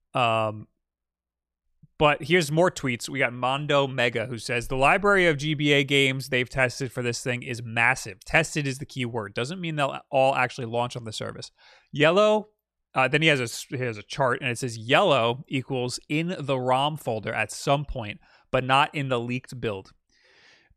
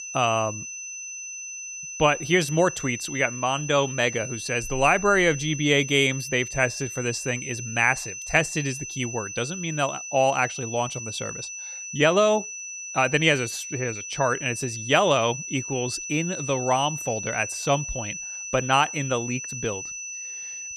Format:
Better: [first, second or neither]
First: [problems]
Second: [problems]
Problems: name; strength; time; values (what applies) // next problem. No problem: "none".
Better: first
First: none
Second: high-pitched whine; loud; throughout; 6 kHz, 8 dB below the speech